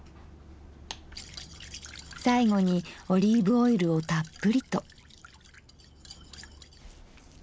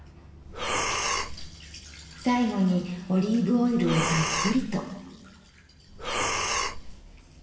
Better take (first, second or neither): first